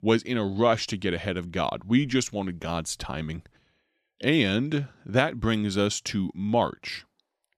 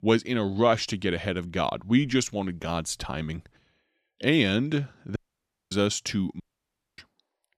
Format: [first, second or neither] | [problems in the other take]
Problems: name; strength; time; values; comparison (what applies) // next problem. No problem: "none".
first | audio cutting out; at 5 s for 0.5 s and at 6.5 s for 0.5 s